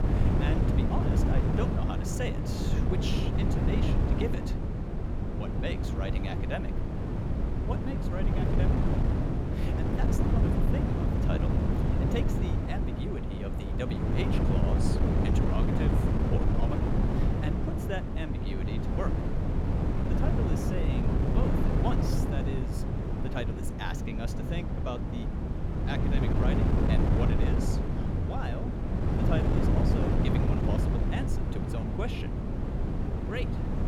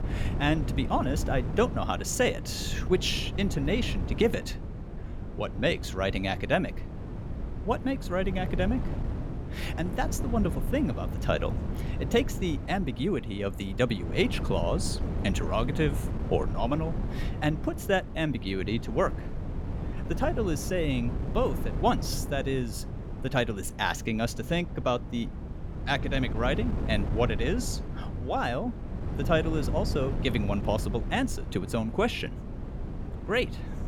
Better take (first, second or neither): second